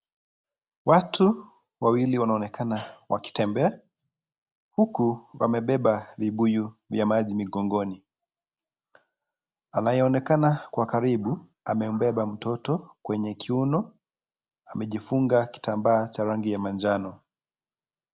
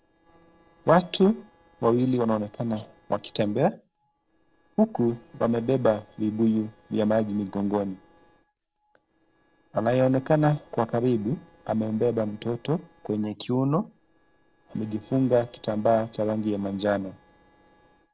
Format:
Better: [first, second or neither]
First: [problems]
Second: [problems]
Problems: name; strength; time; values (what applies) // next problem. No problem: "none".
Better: first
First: none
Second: noise reduction (neural separator model SepFormer DNS4)